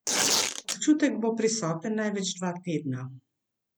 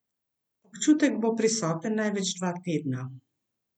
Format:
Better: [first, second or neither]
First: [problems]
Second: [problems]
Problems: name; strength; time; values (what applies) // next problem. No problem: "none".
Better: second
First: background sound (Tearing); 2 dB above the speech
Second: none